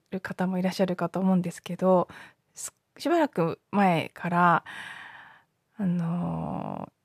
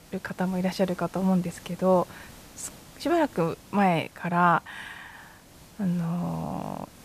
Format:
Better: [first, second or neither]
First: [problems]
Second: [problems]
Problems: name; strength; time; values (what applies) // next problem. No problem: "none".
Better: first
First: none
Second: hiss; faint; throughout; 20 dB below the speech